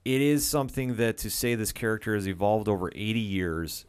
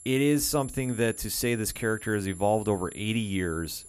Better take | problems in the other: first | high-pitched whine; noticeable; throughout; 11 kHz, 15 dB below the speech

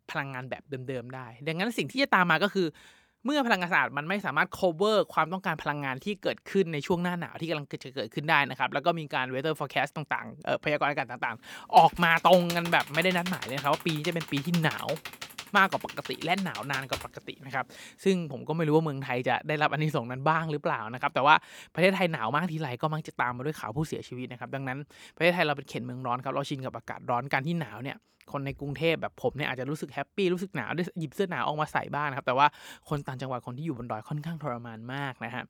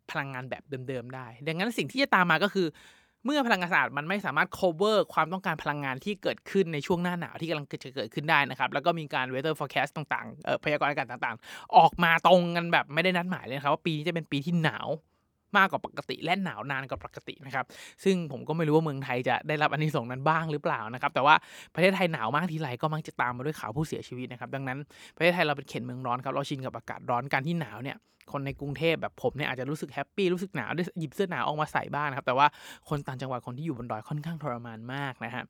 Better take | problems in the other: second | keyboard typing; noticeable; from 12 to 17 s; peak 7 dB below the speech

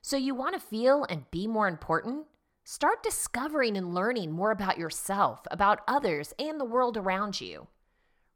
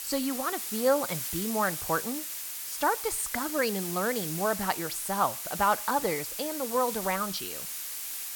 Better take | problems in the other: first | hiss; loud; throughout; 4 dB below the speech

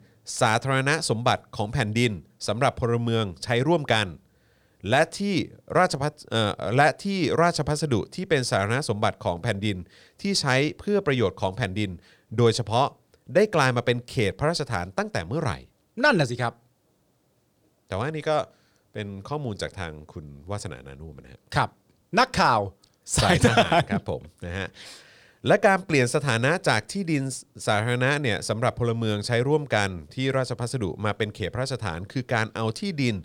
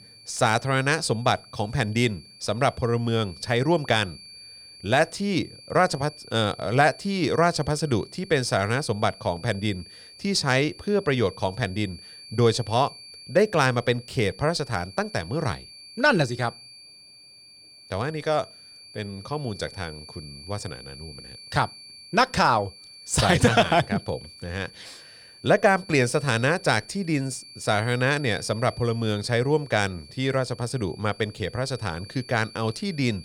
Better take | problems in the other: first | high-pitched whine; noticeable; throughout; 4.5 kHz, 20 dB below the speech

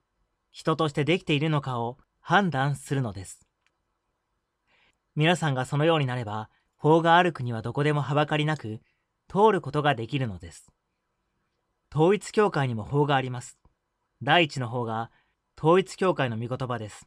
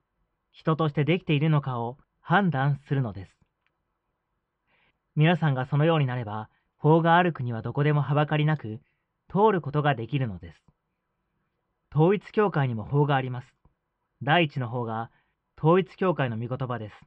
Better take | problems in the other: first | muffled; very; fading above 3 kHz

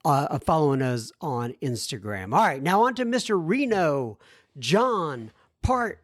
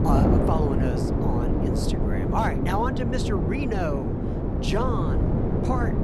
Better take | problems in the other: first | wind noise on the microphone; heavy; 1 dB below the speech

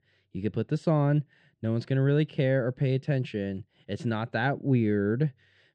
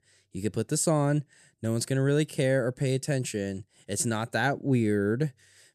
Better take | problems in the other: second | muffled; very; fading above 3.5 kHz

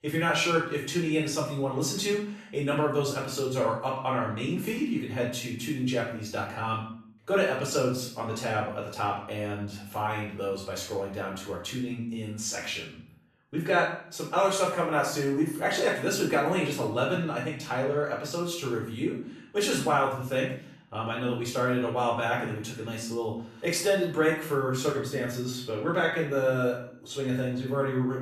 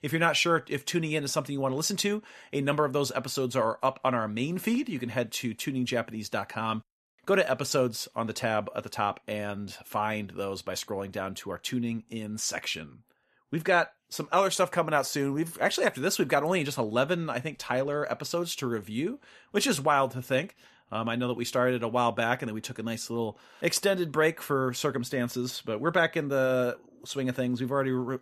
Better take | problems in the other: second | off-mic speech; far // room echo; noticeable; dies away in 0.5 s

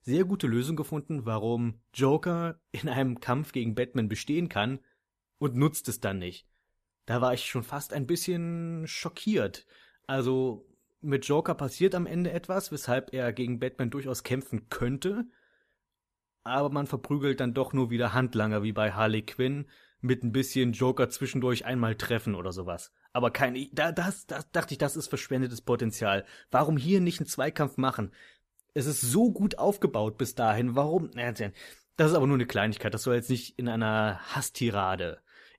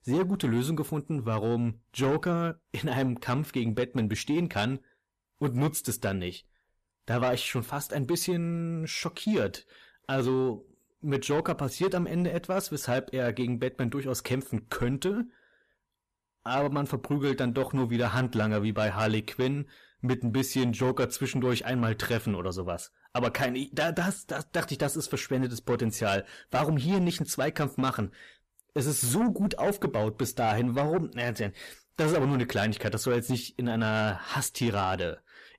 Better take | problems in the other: first | distortion; slight; 10 dB below the speech

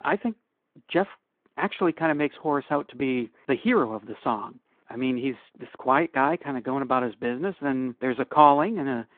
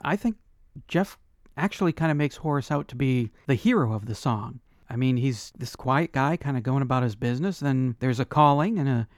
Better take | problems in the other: second | phone-call audio

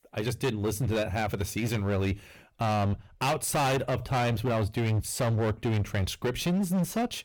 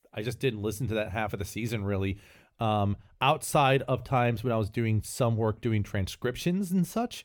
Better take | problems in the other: second | distortion; heavy; 21% of the sound clipped

